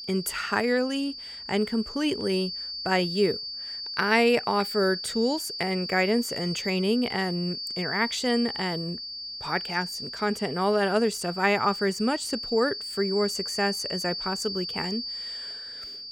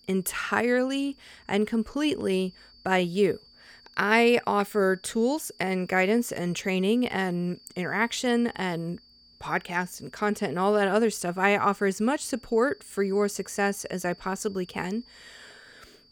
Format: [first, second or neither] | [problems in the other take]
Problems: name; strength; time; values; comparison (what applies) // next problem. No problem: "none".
second | high-pitched whine; loud; throughout; 4.5 kHz, 6 dB below the speech; faint in the second